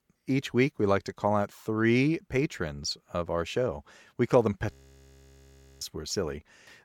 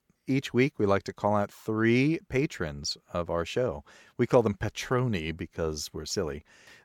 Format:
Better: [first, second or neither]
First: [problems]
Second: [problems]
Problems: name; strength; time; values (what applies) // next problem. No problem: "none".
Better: second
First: audio freezing; at 4.5 s for 1 s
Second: none